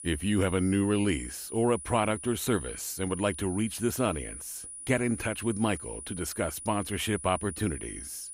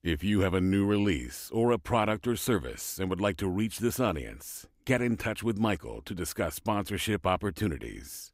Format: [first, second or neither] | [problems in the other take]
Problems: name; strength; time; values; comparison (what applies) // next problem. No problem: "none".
second | high-pitched whine; loud; throughout; 10 kHz, 10 dB below the speech